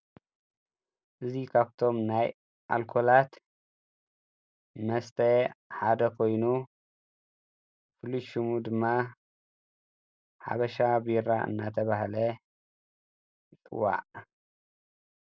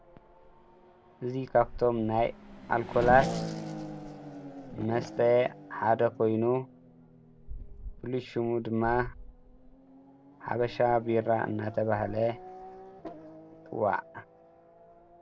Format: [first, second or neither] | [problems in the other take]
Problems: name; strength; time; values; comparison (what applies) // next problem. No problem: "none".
first | background sound (Race car, auto racing / Accelerating, revving, vroom); 11 dB below the speech